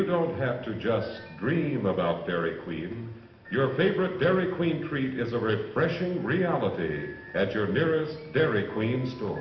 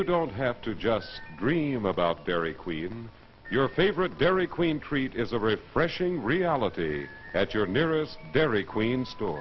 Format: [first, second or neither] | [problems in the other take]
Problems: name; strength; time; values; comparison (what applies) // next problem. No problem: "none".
second | room echo; dies away in 0.8 s